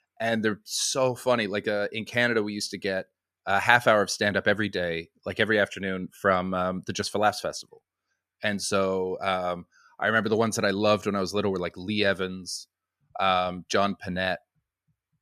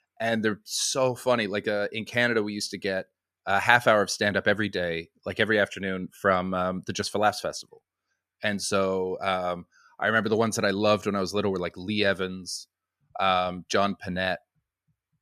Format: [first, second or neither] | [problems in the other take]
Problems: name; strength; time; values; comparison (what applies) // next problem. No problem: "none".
neither | none